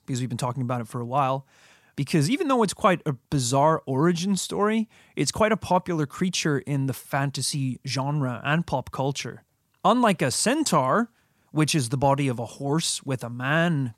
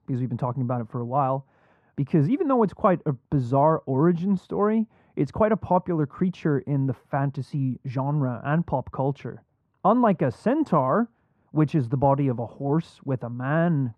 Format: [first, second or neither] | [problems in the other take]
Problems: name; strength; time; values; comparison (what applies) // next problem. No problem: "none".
first | muffled; very; fading above 3 kHz